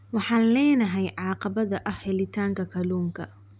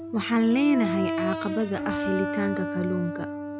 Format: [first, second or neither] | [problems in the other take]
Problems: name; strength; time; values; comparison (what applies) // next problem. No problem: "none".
first | background sound (Brass instrument); 4 dB below the speech